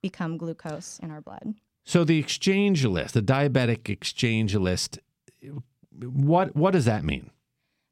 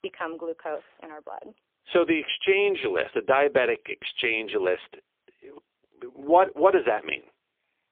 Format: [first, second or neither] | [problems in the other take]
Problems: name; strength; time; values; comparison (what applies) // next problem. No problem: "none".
first | phone-call audio; poor line; nothing above 3.5 kHz